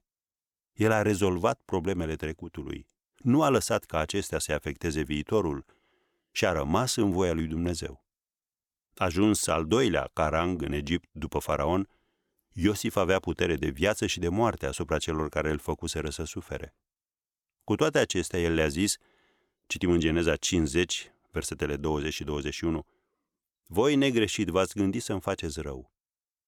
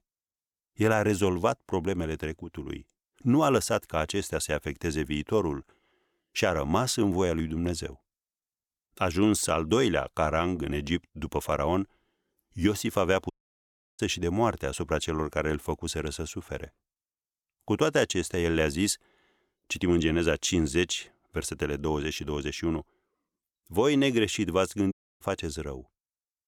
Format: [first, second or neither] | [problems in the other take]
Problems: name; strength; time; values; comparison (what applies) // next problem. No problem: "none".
first | audio cutting out; at 13 s for 0.5 s and at 25 s